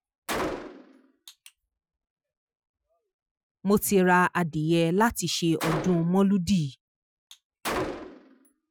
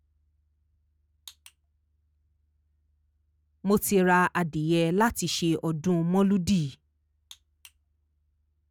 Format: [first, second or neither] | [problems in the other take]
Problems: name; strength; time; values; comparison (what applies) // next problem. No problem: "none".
second | noise reduction (classical method Wiener filter)